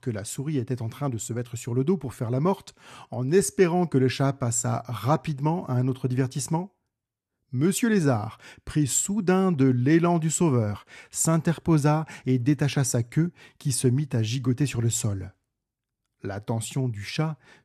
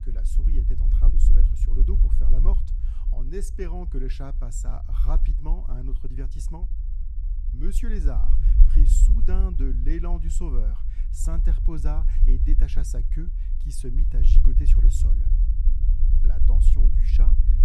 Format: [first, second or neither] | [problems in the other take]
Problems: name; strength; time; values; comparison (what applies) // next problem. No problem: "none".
first | low rumble; loud; throughout; 5 dB below the speech